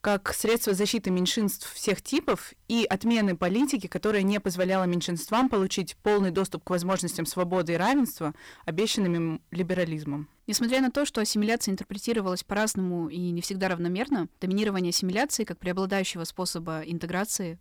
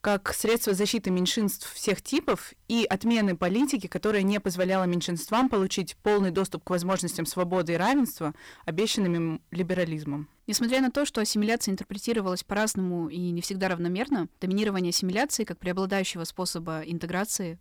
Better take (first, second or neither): neither